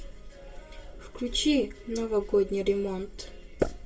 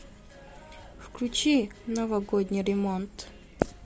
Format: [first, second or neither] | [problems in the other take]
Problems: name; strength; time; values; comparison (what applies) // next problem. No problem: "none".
second | room echo; dies away in 0.2 s